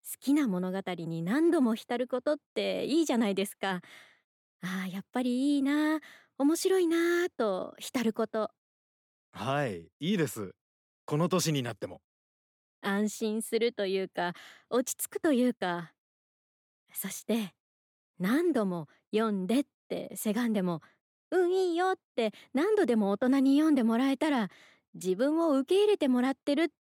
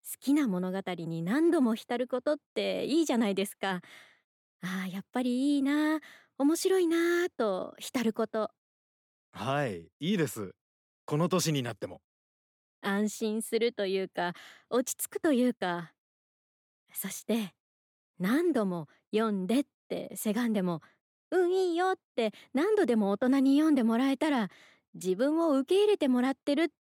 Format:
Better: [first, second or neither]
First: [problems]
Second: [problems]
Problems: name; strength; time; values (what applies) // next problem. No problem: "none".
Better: neither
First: none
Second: none